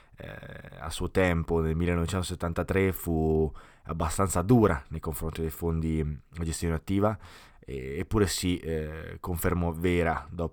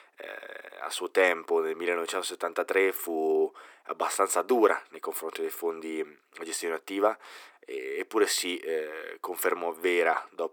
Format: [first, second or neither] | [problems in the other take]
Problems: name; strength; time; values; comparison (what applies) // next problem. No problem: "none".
first | thin; very; fading below 350 Hz